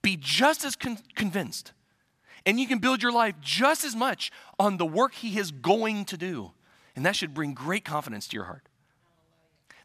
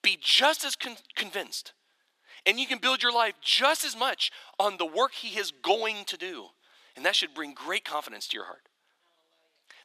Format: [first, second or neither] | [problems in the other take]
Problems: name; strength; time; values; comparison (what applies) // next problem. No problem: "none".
first | thin; somewhat; fading below 350 Hz